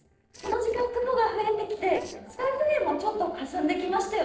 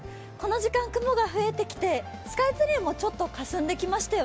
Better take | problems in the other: second | noise reduction (neural separator model SepFormer DNS4)

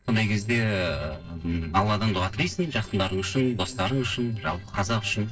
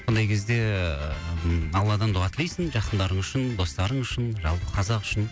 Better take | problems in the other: second | noise reduction (neural separator model SepFormer DNS4)

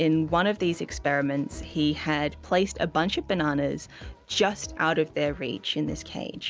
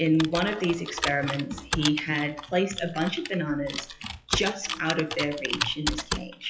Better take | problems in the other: first | noise reduction (classical method WPE with log-MMSE)

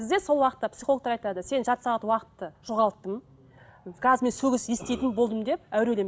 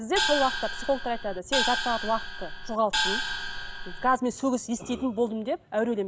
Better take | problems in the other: first | background sound (Gong); 2 dB below the speech

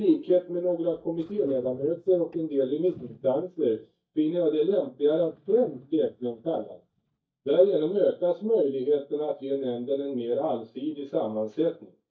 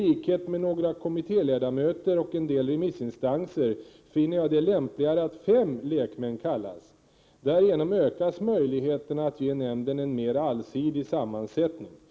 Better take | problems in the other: second | noise reduction (neural mask model DeepFilterNet 3)

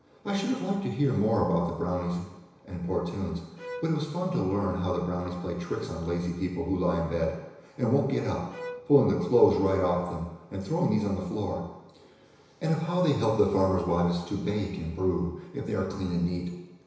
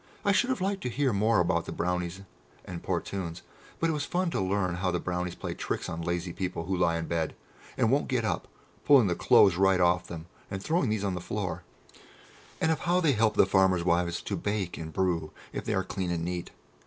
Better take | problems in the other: second | background sound (Bowed string instrument); 18 dB below the speech // room echo; dies away in 1 s

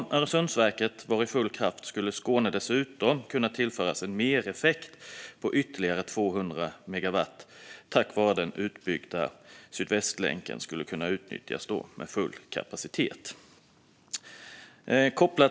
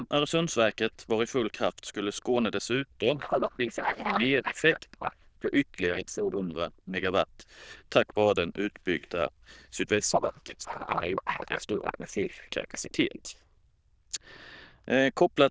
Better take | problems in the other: first | noise reduction (neural diffusion model UNIVERSE++)

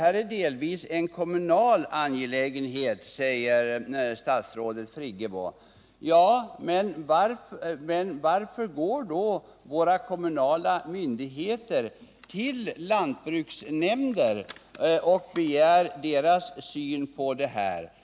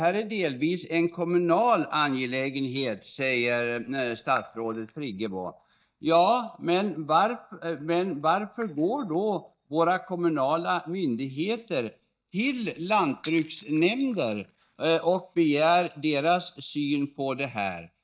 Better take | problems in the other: first | noise reduction (neural mask model DeepFilterNet 3)

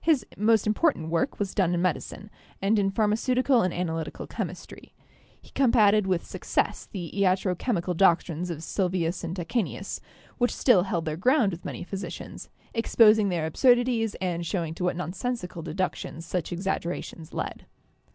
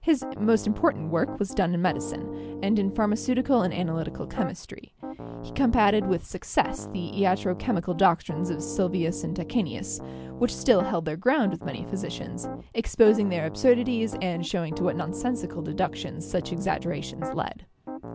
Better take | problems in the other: first | background sound (Piano); 11 dB below the speech

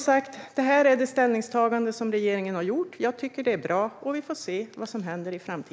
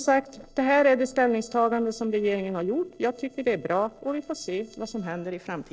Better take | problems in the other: first | noise reduction (neural separator model SepFormer DNS4)

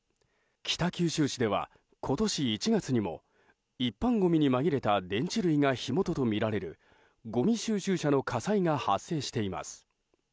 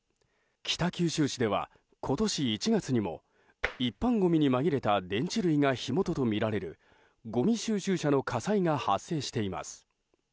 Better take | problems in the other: first | background sound (Tap); 8 dB below the speech

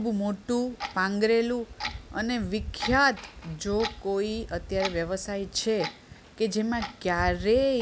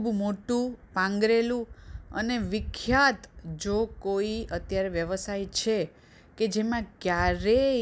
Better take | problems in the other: second | background sound (Clock); 14 dB below the speech

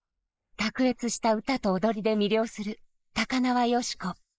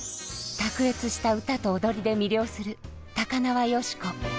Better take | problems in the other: second | noise reduction (neural mask model Resemble Enhance denoiser)

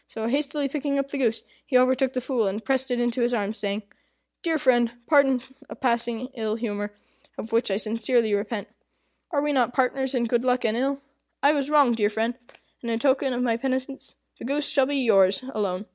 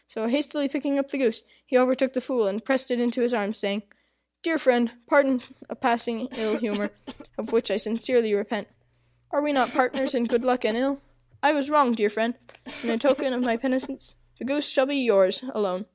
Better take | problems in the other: first | background sound (Cough); 16 dB below the speech

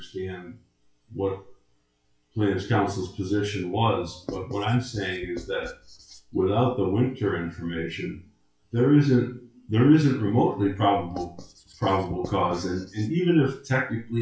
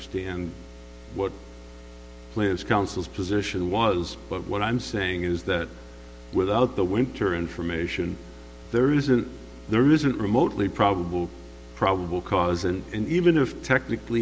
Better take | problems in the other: second | noise reduction (classical method WPE with log-MMSE)

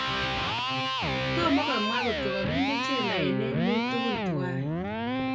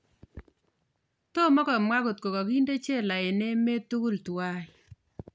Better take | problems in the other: second | background sound (Electric guitar); 3 dB above the speech // room echo; dies away in 0.2 s

